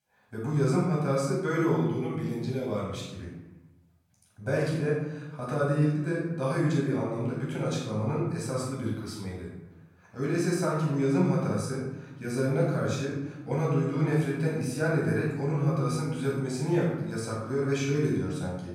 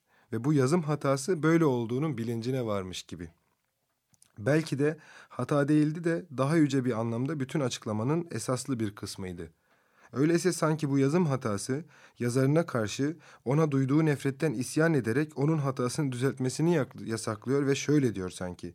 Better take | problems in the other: second | off-mic speech; far // room echo; noticeable; dies away in 0.9 s

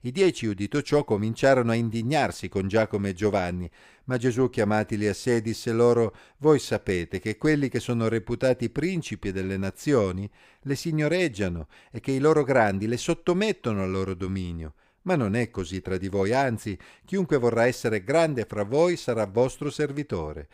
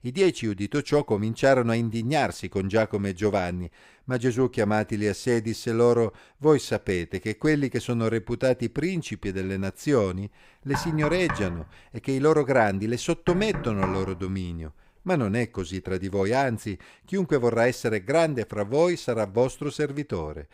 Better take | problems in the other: first | door banging; noticeable; from 11 to 14 s; peak 6 dB below the speech

